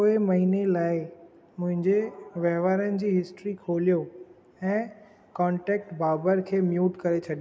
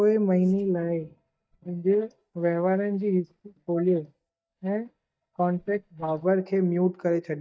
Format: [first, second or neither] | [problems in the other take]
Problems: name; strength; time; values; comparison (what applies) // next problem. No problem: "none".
first | noise reduction (neural mask model DeepFilterNet 3)